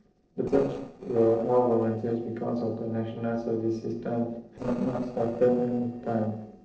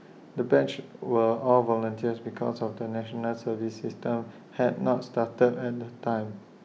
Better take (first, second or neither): second